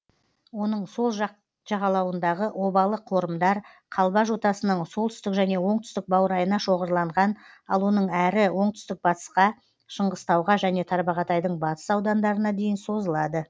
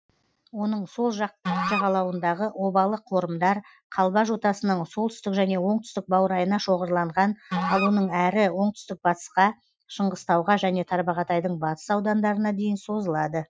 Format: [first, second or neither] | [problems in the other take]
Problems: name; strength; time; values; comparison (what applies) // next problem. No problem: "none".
first | noise reduction (classical method Wiener filter)